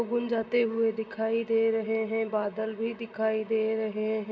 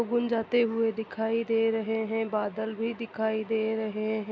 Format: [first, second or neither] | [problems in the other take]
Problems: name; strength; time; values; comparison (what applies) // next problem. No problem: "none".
second | room echo; dies away in 1.9 s